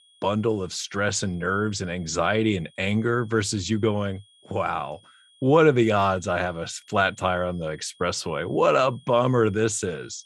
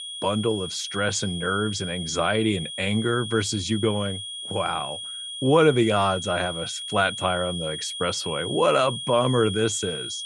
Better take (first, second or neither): first